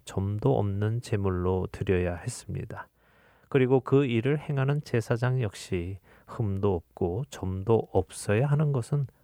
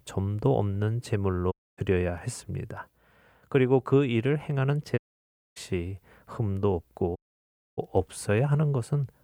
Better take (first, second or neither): first